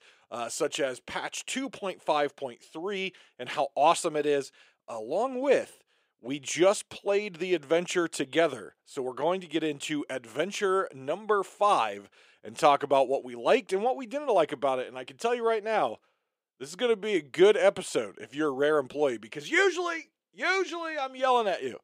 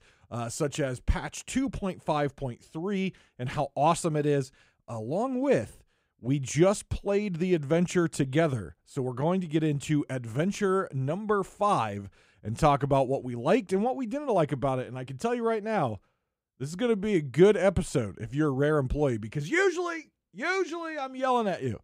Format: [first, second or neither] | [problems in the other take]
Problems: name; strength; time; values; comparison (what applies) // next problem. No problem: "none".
second | thin; somewhat; fading below 450 Hz